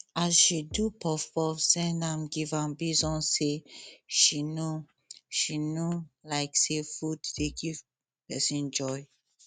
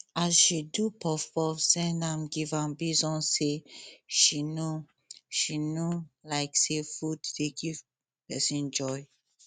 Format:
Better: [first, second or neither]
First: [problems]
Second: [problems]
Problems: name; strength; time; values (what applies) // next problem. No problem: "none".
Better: second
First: background sound (Bass drum); 14 dB below the speech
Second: none